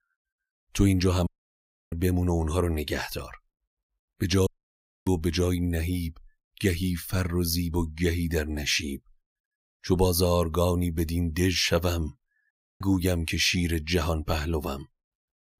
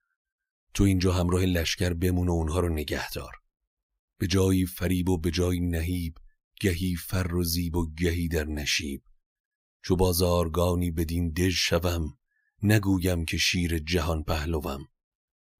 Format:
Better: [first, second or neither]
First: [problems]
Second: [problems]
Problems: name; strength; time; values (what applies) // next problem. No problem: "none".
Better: second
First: audio cutting out; at 1.5 s for 0.5 s, at 4.5 s for 0.5 s and at 13 s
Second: none